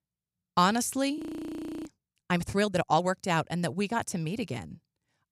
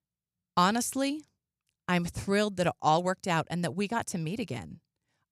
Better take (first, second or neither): second